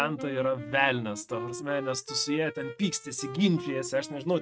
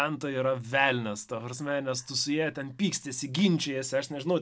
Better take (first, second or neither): second